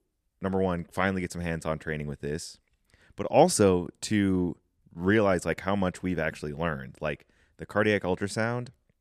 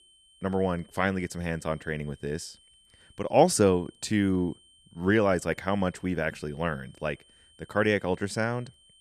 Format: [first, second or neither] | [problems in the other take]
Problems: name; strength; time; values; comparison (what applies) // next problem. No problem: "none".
first | high-pitched whine; faint; throughout; 3 kHz, 30 dB below the speech